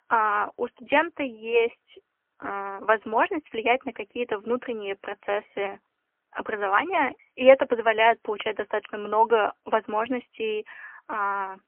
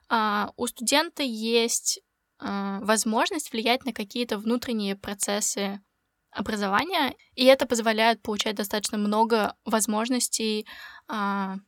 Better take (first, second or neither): second